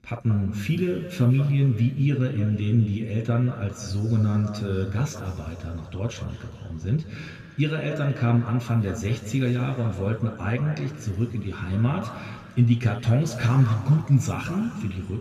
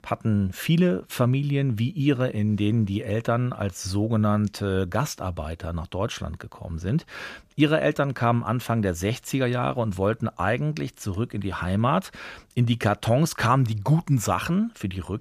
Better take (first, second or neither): second